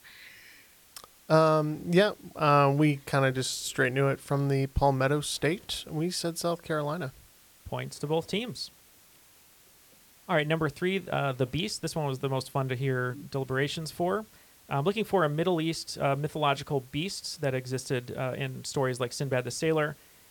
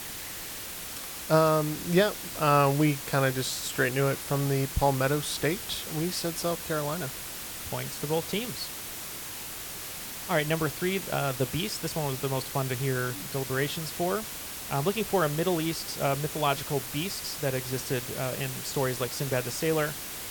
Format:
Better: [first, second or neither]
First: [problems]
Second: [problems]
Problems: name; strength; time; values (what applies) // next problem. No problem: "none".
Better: first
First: hiss; faint; throughout; 25 dB below the speech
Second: hiss; loud; throughout; 6 dB below the speech